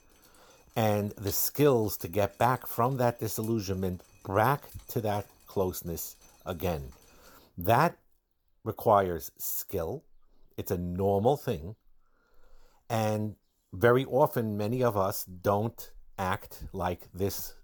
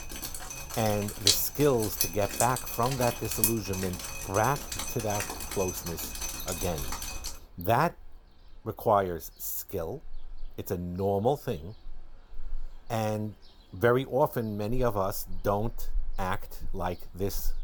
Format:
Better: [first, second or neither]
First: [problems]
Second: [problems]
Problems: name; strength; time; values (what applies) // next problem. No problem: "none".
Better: first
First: rain or running water; faint; throughout; 25 dB below the speech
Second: rain or running water; loud; throughout; 2 dB below the speech